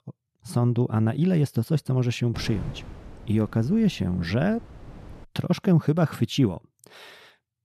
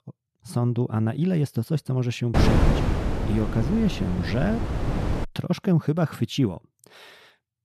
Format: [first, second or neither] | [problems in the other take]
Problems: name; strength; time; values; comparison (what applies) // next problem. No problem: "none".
first | wind noise on the microphone; heavy; from 2.5 to 5 s; as loud as the speech; occasional gusts in the first